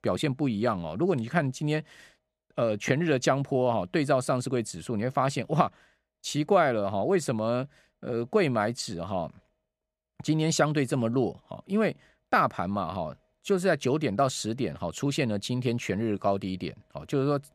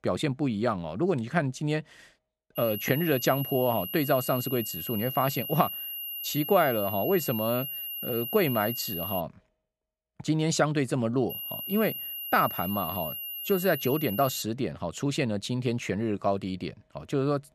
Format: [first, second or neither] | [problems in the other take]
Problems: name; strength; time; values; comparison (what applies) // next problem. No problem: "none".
first | high-pitched whine; loud; from 2.5 to 9 s and from 11 to 14 s; 11.5 kHz, 6 dB below the speech